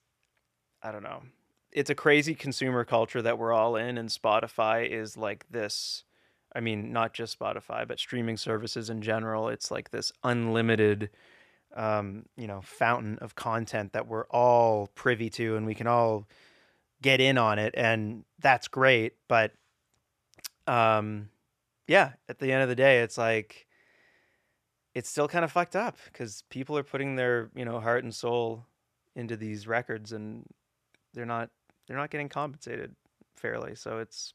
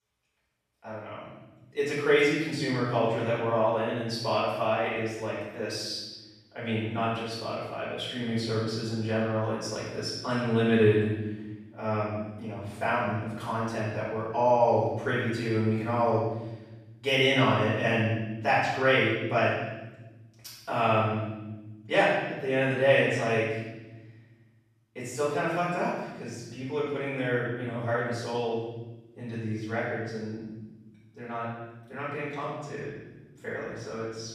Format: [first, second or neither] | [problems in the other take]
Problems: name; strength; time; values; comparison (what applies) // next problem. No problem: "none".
first | off-mic speech; far // room echo; strong; dies away in 1.2 s